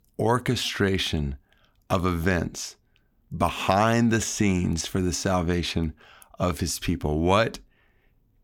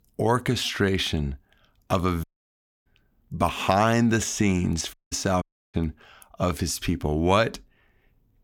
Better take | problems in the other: first | audio cutting out; at 2 s for 0.5 s, at 5 s and at 5.5 s

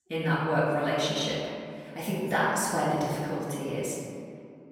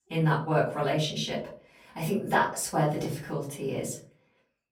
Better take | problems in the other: second | room echo; strong; dies away in 2 s; slight in the second // off-mic speech; far; far in the second

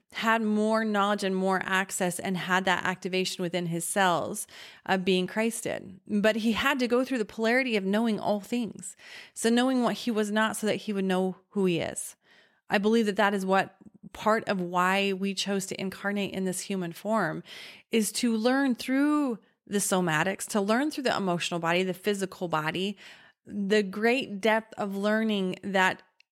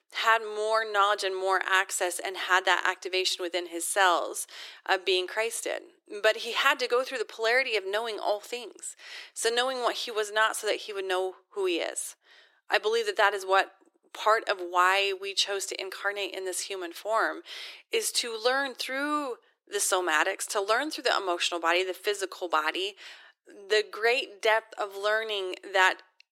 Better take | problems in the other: first | thin; very; fading below 350 Hz

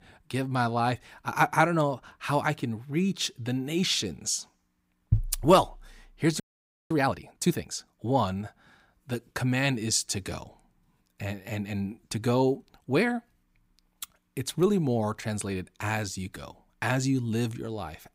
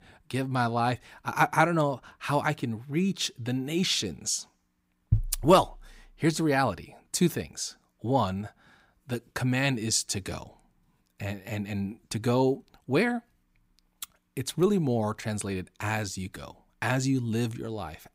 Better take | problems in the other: second | audio freezing; at 6.5 s for 0.5 s

